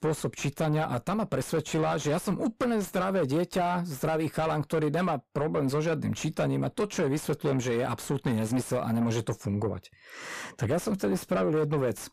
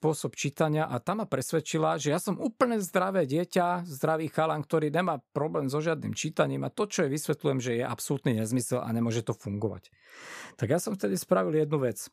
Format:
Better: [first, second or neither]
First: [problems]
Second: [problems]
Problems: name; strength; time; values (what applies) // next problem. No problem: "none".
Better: second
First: distortion; heavy; 7 dB below the speech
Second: none